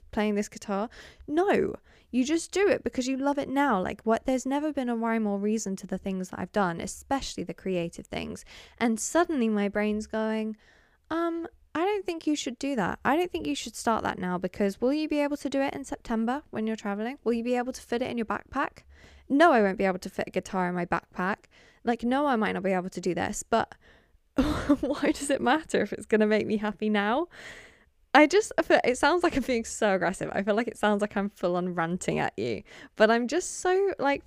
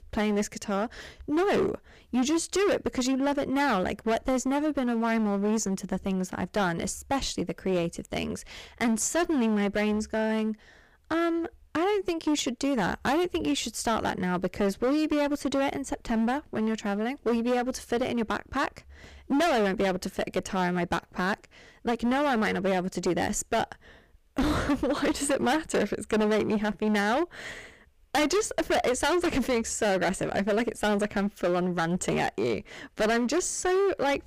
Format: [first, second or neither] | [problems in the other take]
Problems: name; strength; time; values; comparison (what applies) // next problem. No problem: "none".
first | distortion; heavy; 15% of the sound clipped